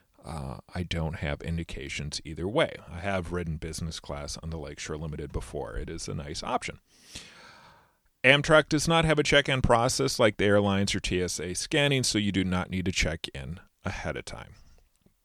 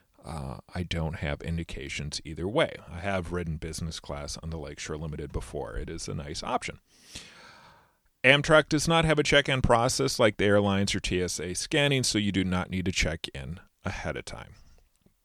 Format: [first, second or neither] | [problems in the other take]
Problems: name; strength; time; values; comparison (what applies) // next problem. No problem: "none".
neither | none